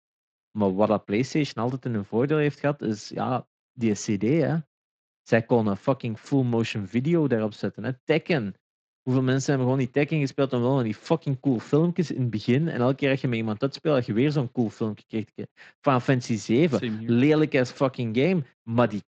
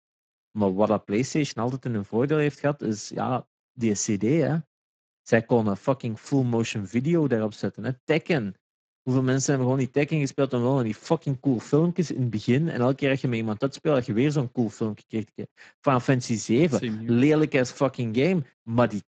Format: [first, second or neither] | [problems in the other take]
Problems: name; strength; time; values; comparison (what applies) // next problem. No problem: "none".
first | garbled, watery; badly; nothing above 7.5 kHz; slightly in the first